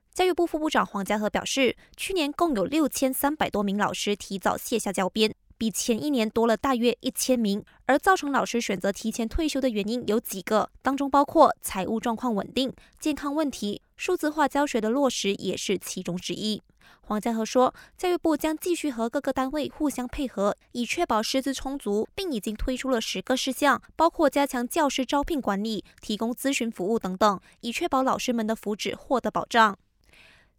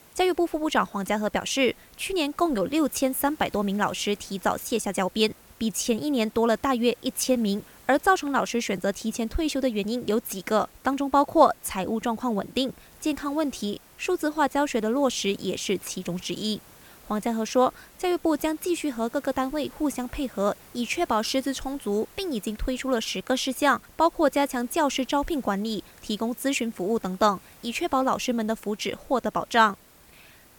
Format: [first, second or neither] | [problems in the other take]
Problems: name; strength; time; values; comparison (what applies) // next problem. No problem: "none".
first | hiss; faint; throughout; 25 dB below the speech